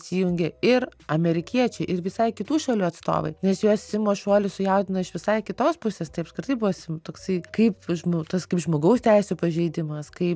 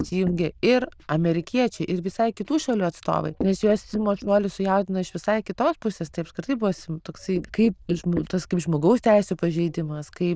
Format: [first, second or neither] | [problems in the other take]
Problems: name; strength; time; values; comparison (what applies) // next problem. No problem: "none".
first | noise reduction (neural diffusion model UNIVERSE++)